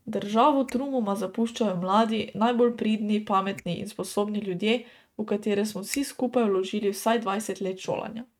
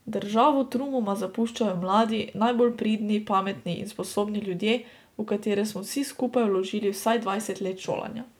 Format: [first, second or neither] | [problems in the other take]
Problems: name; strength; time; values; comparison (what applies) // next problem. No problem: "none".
second | noise reduction (neural mask model RNNoise)